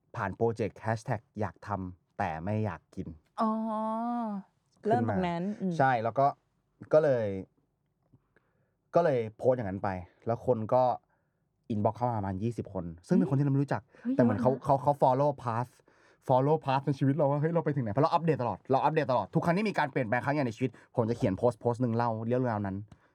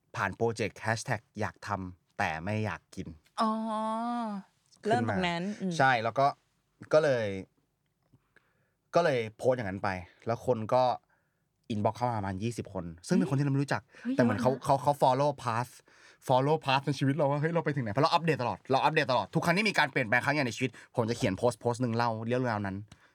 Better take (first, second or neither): second